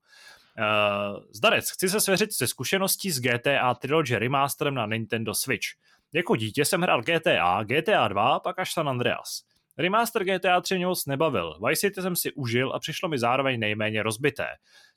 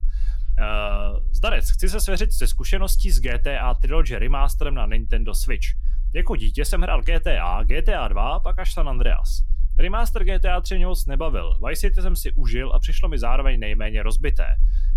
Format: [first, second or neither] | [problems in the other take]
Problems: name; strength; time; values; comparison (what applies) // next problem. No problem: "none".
first | low rumble; faint; throughout; 25 dB below the speech